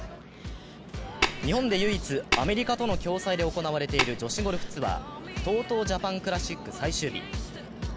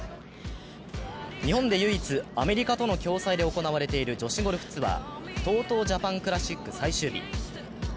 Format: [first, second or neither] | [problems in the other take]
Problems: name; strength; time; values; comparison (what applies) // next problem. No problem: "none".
second | background sound (Tap); 1 dB below the speech